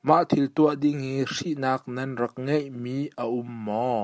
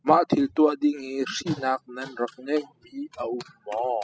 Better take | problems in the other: first | noise reduction (classical method spectral subtraction)

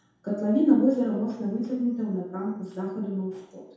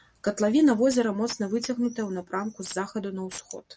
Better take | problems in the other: second | room echo; dies away in 0.8 s

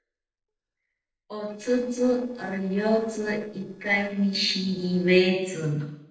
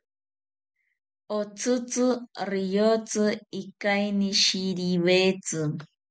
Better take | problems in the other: second | noise reduction (neural separator model SepFormer DNS4)

